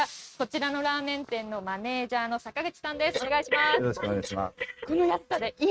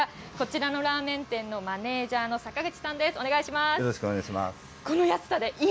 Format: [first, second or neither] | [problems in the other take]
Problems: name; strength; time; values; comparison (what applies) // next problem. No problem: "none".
second | noise reduction (neural mask model RNNoise)